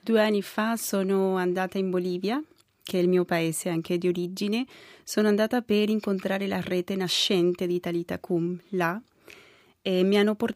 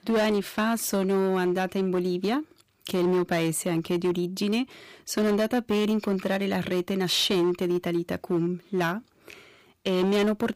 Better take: first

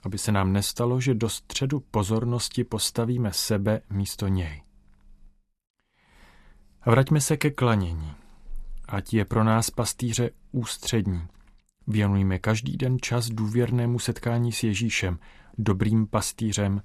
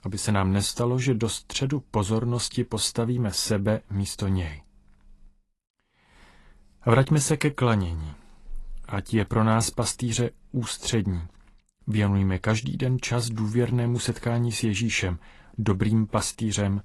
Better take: first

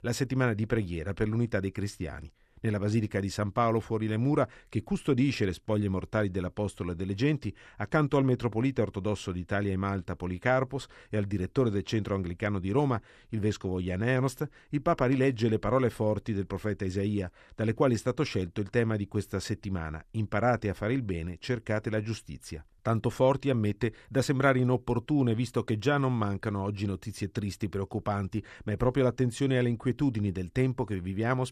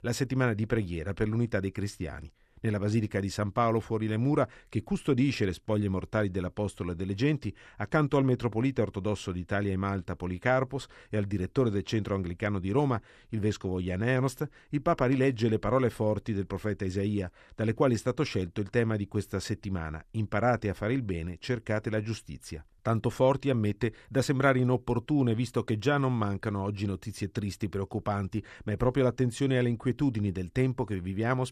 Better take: neither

